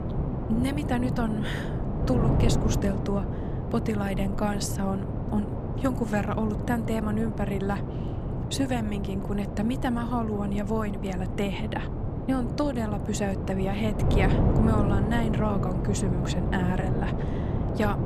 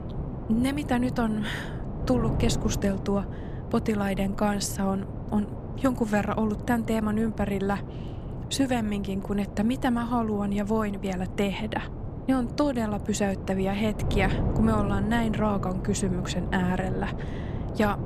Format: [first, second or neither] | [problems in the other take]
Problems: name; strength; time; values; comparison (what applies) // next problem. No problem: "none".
second | wind noise on the microphone; heavy; 4 dB below the speech; occasional gusts in the second